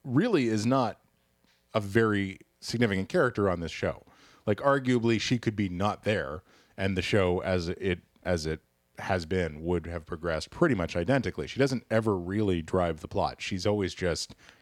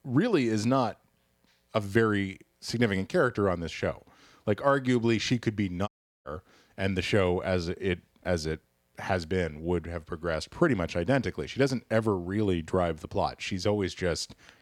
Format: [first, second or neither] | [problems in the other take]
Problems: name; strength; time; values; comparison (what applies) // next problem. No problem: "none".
first | audio cutting out; at 6 s